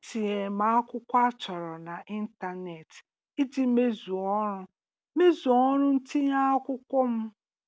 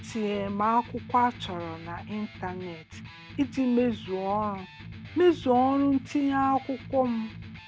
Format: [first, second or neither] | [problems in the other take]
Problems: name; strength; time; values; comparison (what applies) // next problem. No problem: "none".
first | background sound (Electric guitar); 15 dB below the speech